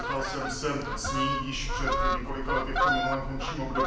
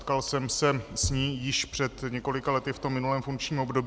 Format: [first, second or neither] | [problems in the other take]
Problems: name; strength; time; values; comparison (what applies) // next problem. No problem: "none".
second | background sound (Fowl); 3 dB above the speech // room echo; dies away in 0.8 s